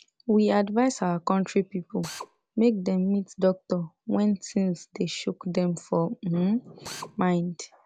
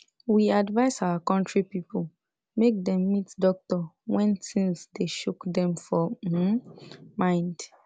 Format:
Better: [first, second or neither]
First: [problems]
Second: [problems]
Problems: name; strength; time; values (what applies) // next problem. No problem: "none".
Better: second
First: background sound (Drill); 16 dB below the speech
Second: none